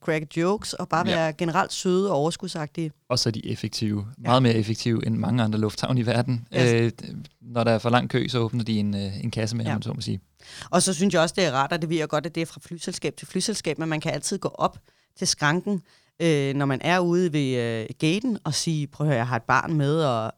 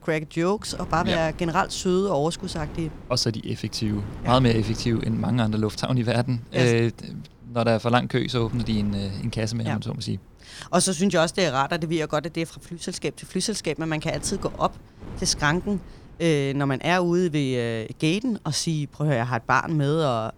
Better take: first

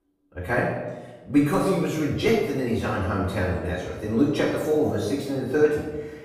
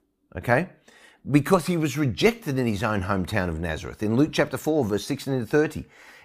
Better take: second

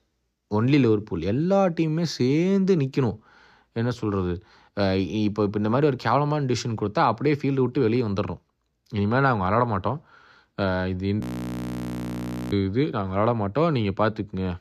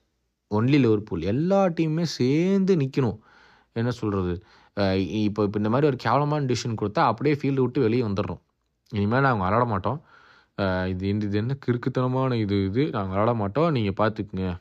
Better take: second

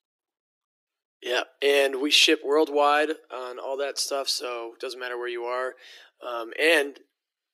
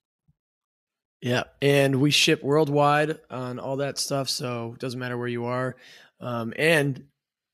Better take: second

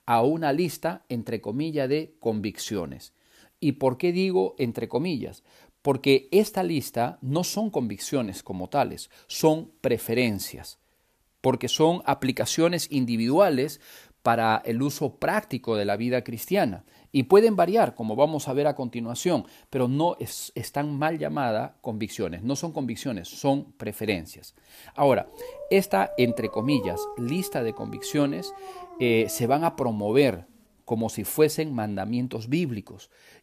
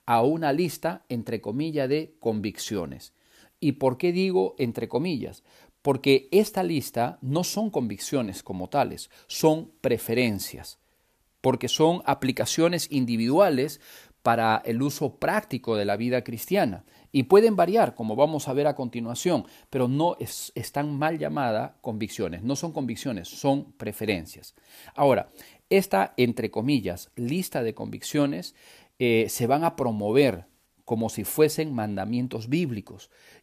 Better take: second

